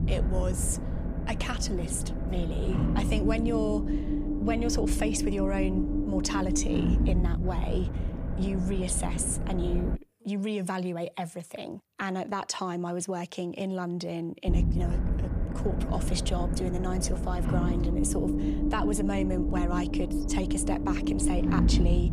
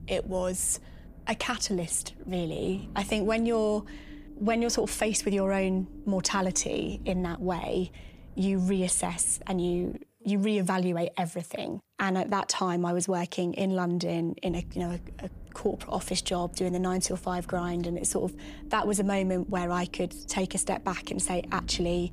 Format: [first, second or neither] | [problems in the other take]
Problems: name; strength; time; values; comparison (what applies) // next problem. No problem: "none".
second | low rumble; loud; until 10 s and from 14 s on; 2 dB below the speech; faint in the second